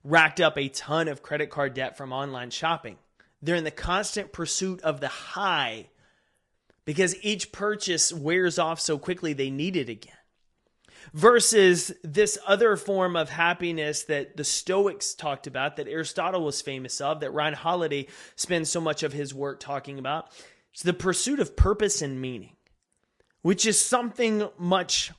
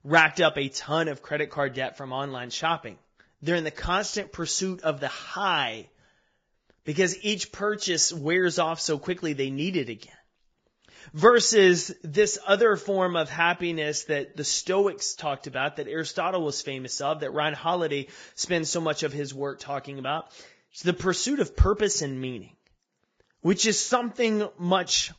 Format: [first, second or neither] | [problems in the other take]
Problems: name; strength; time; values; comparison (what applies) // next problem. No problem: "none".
first | garbled, watery; badly; nothing above 7.5 kHz; slightly in the first